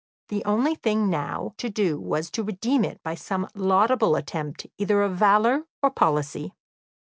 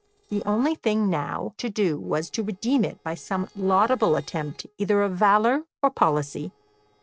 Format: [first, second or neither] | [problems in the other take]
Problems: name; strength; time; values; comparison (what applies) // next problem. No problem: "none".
first | noise reduction (neural separator model SepFormer DNS4)